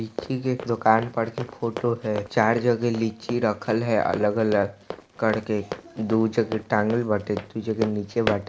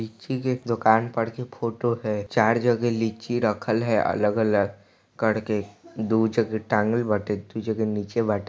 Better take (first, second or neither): second